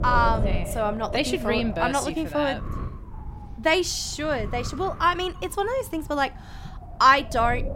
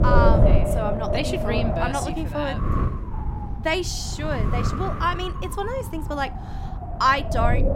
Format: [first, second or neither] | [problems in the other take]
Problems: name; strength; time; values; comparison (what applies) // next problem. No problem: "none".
first | wind noise on the microphone; heavy; 5 dB below the speech; occasional gusts in the first